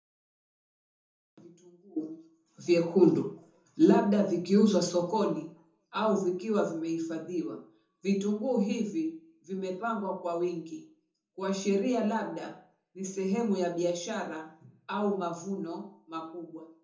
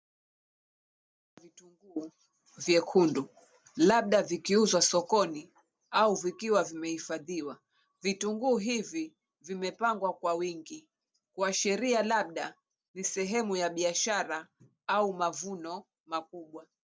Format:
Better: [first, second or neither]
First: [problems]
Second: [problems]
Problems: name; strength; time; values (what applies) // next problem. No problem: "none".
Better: second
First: room echo; dies away in 0.5 s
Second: none